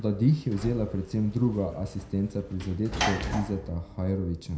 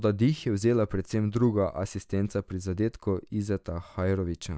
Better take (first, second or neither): second